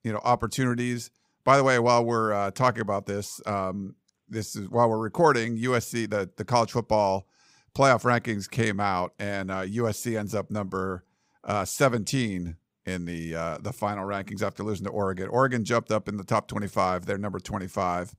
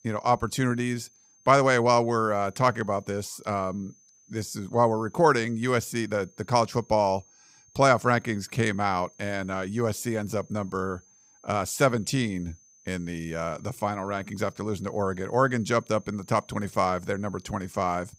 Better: first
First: none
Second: high-pitched whine; faint; throughout; 6.5 kHz, 30 dB below the speech

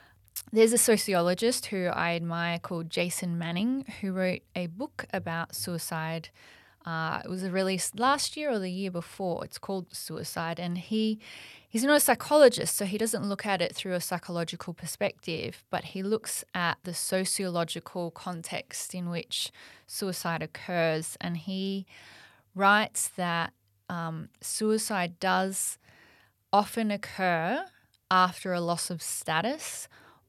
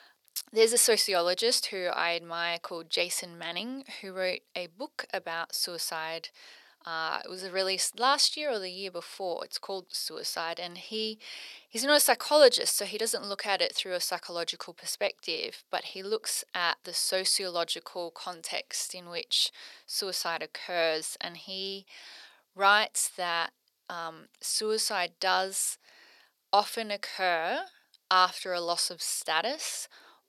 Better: first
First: none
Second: thin; somewhat; fading below 350 Hz

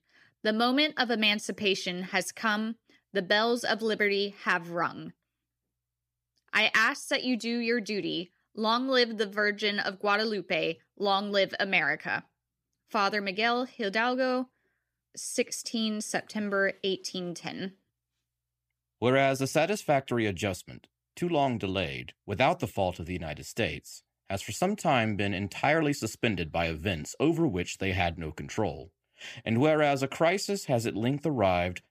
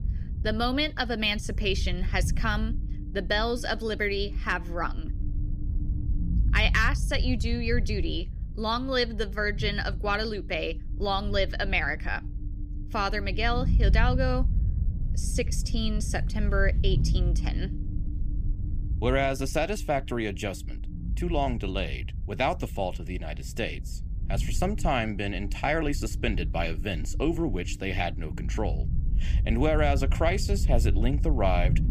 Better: first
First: none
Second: low rumble; noticeable; throughout; 20 dB below the speech

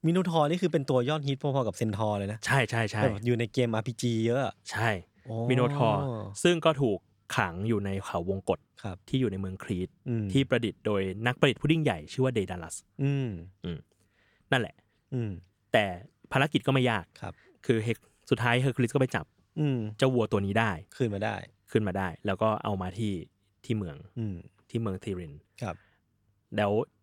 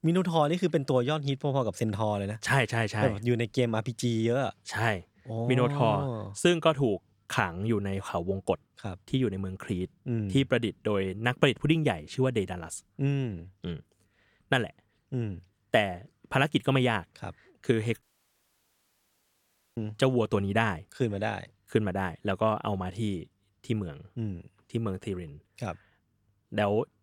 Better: first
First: none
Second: audio cutting out; at 18 s for 2 s

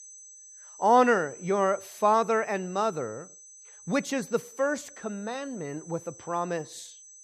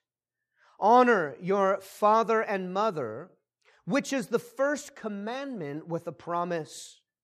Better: second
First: high-pitched whine; noticeable; throughout; 6 kHz, 20 dB below the speech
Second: none

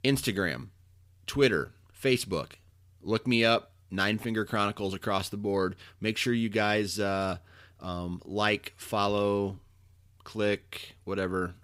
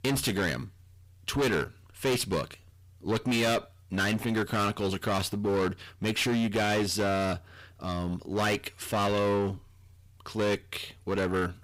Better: first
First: none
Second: distortion; heavy; 15% of the sound clipped

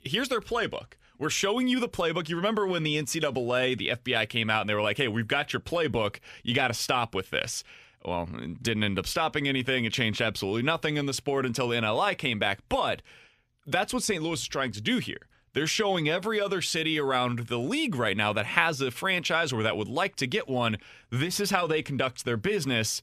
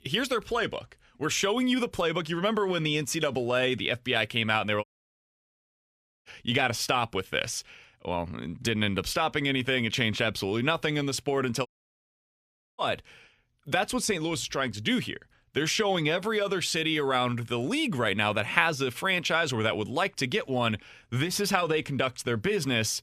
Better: first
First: none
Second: audio cutting out; at 5 s for 1.5 s and at 12 s for 1 s

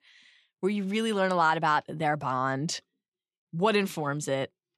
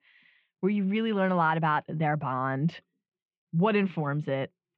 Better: first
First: none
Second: muffled; very; fading above 2.5 kHz

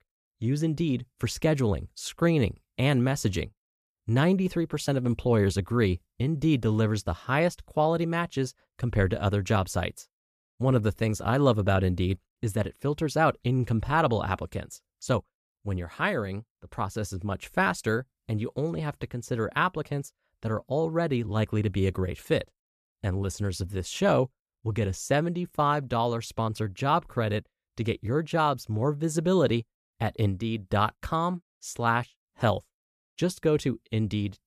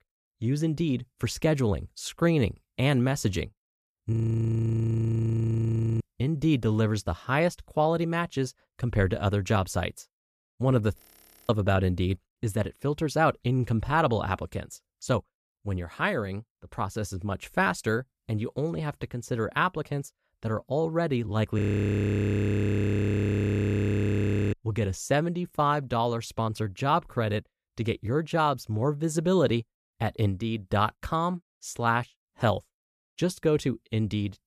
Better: first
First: none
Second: audio freezing; at 4 s for 2 s, at 11 s for 0.5 s and at 22 s for 3 s

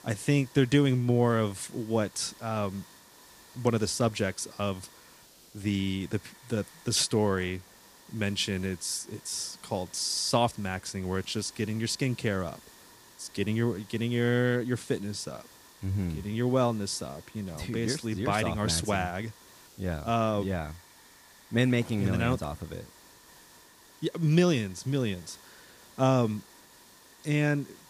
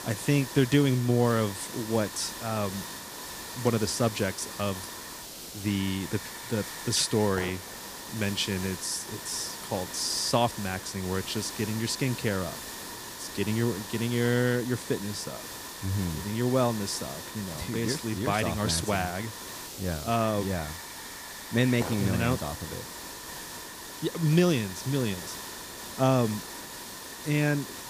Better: first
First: hiss; faint; throughout; 25 dB below the speech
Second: hiss; loud; throughout; 9 dB below the speech

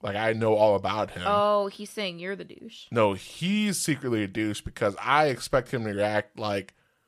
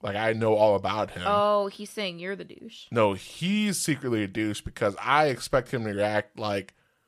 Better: neither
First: none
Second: none

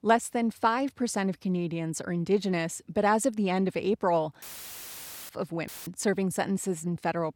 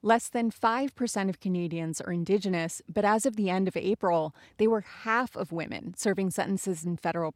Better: second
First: audio cutting out; filled with static; at 4.5 s for 1 s and at 5.5 s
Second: none

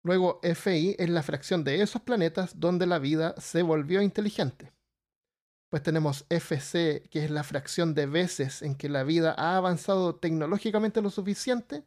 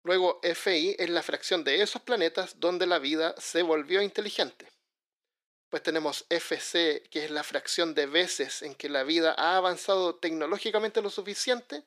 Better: first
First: none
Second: thin; very; fading below 300 Hz

